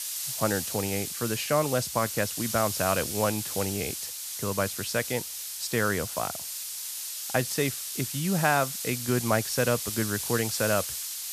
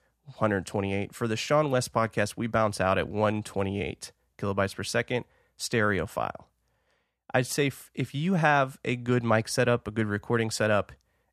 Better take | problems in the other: second | hiss; loud; throughout; 3 dB below the speech

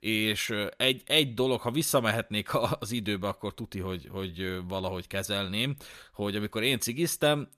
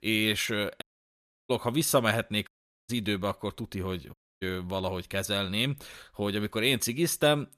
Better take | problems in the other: first | audio cutting out; at 1 s for 0.5 s, at 2.5 s and at 4 s

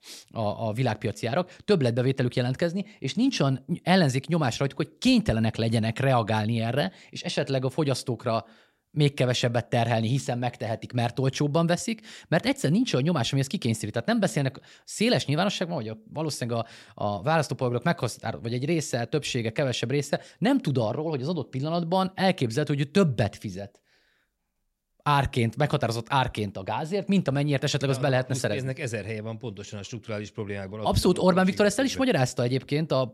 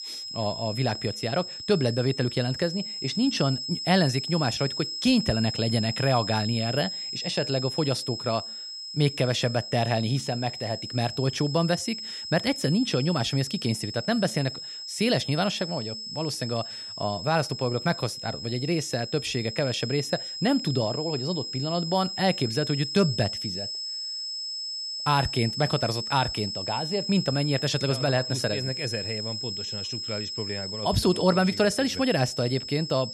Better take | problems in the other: first | high-pitched whine; loud; throughout; 5 kHz, 5 dB below the speech

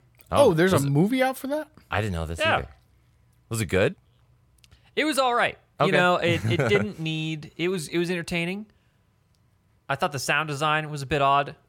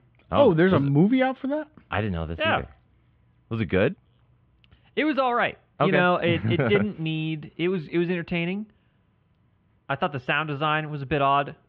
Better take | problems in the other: first | muffled; very; fading above 3 kHz

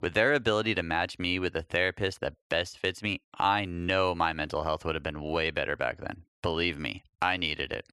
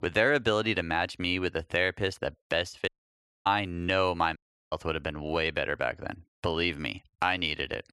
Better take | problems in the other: first | audio cutting out; at 3 s for 0.5 s and at 4.5 s

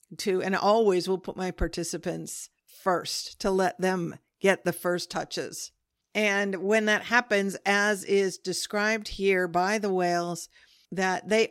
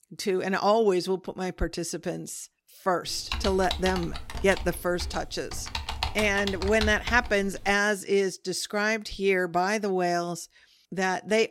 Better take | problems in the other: first | keyboard typing; noticeable; from 3 to 7.5 s; peak 4 dB below the speech

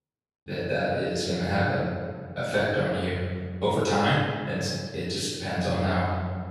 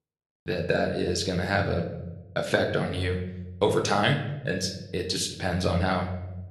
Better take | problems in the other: second | room echo; strong; dies away in 1.7 s; slight in the second // off-mic speech; far

